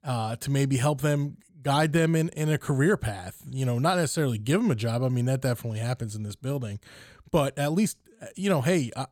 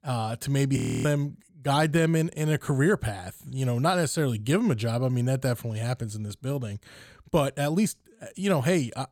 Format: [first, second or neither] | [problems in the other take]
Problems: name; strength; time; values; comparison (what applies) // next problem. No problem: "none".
first | audio freezing; at 1 s